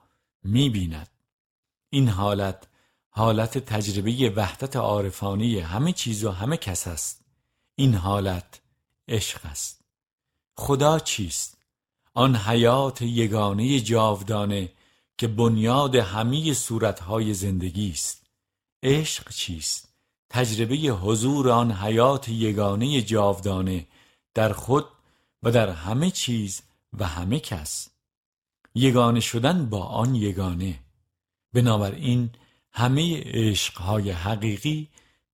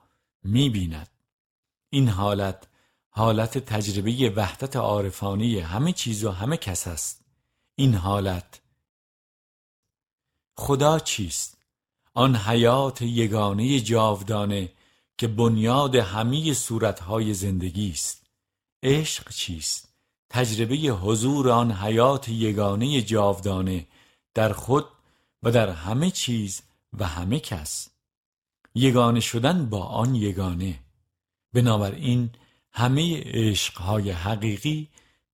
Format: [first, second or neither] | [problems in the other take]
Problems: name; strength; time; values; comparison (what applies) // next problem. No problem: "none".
first | audio cutting out; at 9 s for 1 s